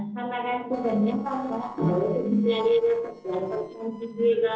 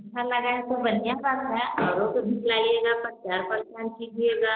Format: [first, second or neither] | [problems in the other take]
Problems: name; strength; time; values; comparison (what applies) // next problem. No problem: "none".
second | noise reduction (neural separator model SepFormer DNS4)